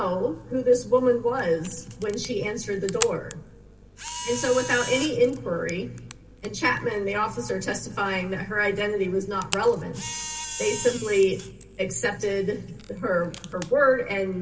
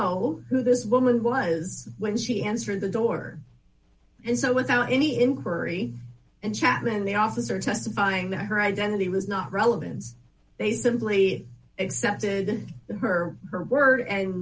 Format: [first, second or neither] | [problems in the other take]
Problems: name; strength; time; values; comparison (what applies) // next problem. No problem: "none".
second | background sound (Camera); 13 dB below the speech // room echo; dies away in 2.6 s